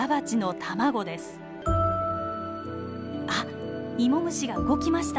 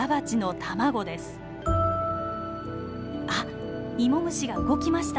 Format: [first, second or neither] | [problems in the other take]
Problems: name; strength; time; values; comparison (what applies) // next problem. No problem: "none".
first | background sound (Engine); 17 dB below the speech